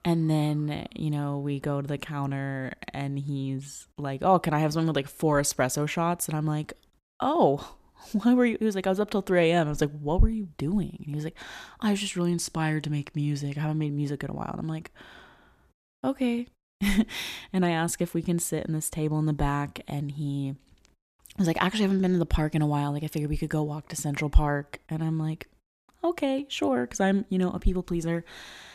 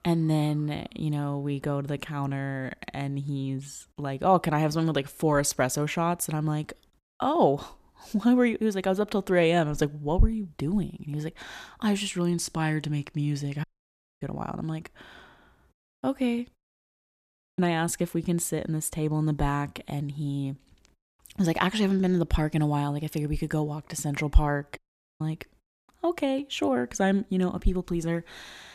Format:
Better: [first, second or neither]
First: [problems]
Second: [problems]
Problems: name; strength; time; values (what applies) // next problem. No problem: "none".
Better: first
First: none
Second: audio cutting out; at 14 s for 0.5 s, at 17 s for 1 s and at 25 s